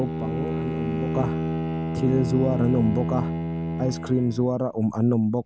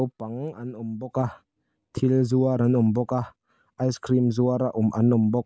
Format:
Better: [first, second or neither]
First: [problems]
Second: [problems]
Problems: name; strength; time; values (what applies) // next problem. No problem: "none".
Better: second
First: background sound (Bowed string instrument); 3 dB below the speech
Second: none